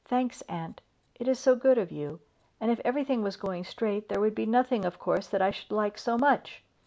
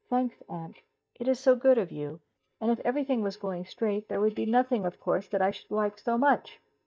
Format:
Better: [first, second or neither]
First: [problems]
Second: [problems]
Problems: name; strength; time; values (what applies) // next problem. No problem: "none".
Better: first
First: none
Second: noise reduction (neural mask model DeepFilterNet 3)